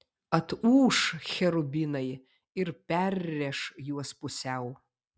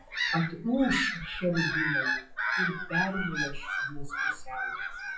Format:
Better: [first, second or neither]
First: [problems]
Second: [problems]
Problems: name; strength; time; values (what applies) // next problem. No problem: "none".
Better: first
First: none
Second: noise reduction (classical method WPE with log-MMSE)